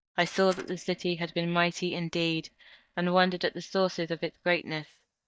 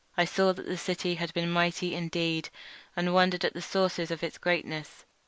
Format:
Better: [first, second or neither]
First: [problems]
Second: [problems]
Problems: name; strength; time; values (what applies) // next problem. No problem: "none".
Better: second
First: noise reduction (neural mask model DeepFilterNet 3)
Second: none